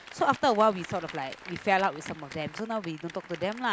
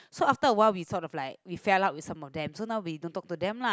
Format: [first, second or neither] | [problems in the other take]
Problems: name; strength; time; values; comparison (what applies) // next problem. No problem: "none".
second | background sound (Applause); 16 dB below the speech